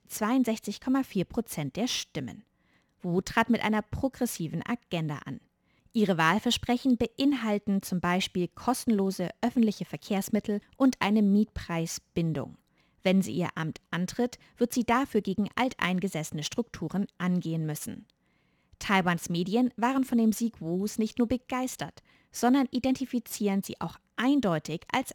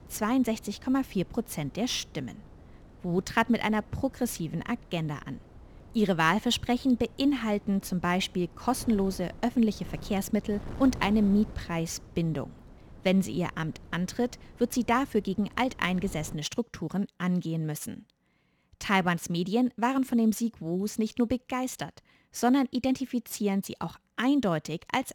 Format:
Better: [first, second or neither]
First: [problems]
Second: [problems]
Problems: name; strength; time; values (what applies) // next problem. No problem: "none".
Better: first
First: none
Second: wind noise on the microphone; occasional gusts; until 16 s; 25 dB below the speech